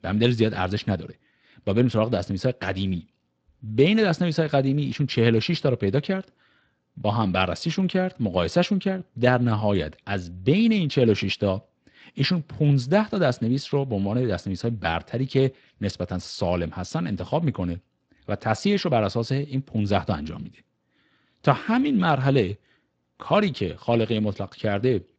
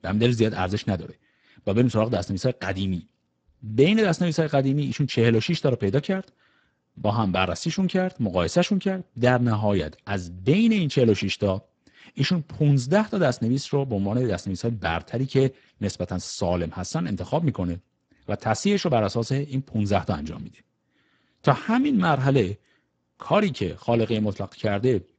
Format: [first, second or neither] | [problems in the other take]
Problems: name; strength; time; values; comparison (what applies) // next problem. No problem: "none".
first | garbled, watery; badly; nothing above 8 kHz; slightly in the first